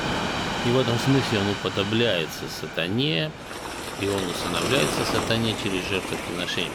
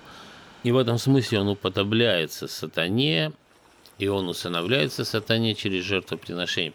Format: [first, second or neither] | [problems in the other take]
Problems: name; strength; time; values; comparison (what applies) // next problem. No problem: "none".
second | train or aircraft noise; loud; throughout; 4 dB below the speech; faint in the second